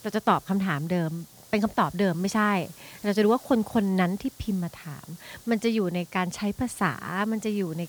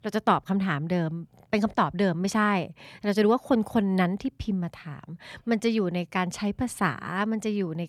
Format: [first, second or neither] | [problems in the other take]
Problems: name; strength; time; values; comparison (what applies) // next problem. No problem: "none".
second | hiss; faint; throughout; 20 dB below the speech